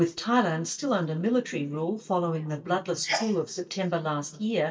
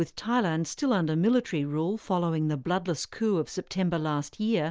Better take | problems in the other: second | noise reduction (neural mask model DeepFilterNet 3)

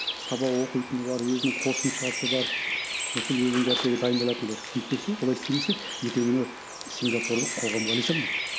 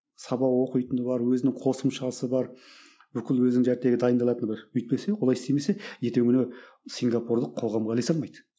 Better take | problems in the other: second | background sound (Bird); 4 dB below the speech

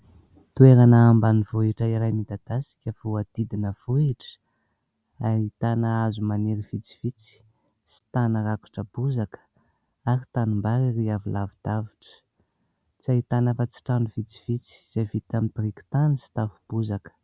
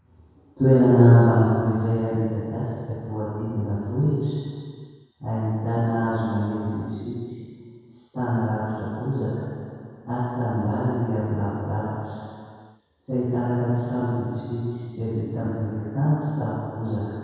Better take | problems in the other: first | room echo; dies away in 2.2 s

